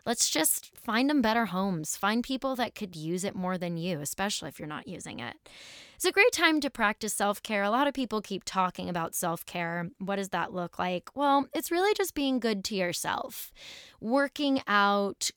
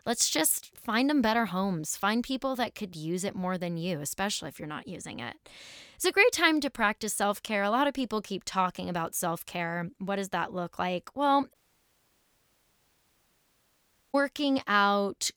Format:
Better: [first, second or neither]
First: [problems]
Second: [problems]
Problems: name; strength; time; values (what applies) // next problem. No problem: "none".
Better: first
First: none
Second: audio cutting out; at 12 s for 2.5 s